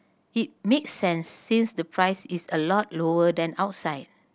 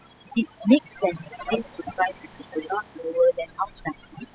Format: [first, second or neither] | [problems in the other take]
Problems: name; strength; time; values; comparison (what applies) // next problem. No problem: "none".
first | noise reduction (classical method spectral subtraction)